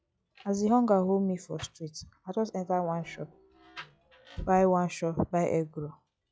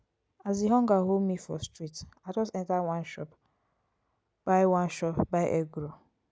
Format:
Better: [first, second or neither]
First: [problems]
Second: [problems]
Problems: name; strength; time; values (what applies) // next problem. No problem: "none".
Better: second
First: noise reduction (classical method log-MMSE)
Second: none